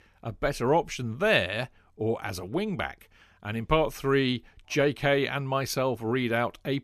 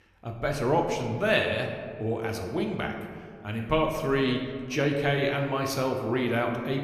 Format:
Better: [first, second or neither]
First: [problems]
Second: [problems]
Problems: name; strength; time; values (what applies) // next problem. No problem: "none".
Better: first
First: none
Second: room echo; slight; dies away in 1.5 s